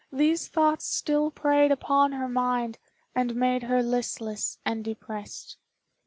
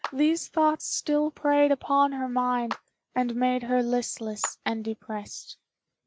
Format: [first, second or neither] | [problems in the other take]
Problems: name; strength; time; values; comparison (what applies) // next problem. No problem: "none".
first | noise reduction (neural mask model RNNoise)